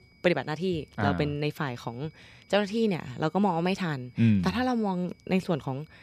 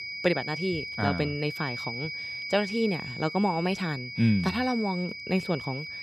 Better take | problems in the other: first | high-pitched whine; loud; throughout; 2.5 kHz, 6 dB below the speech; faint in the first

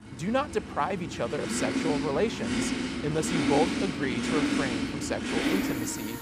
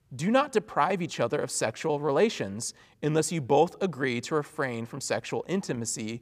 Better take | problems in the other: second | traffic noise; very loud; throughout; 1 dB above the speech

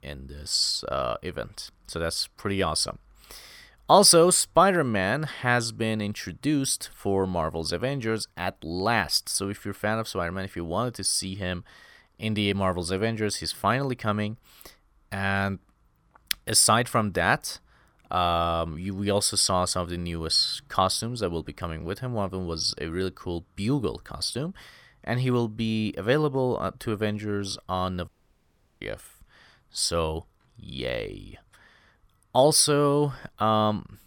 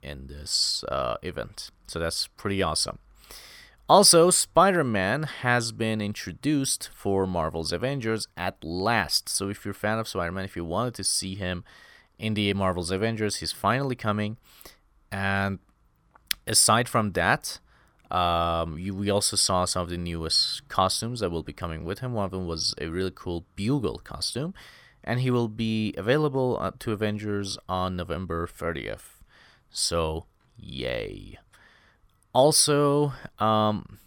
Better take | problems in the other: second | audio cutting out; at 28 s for 0.5 s

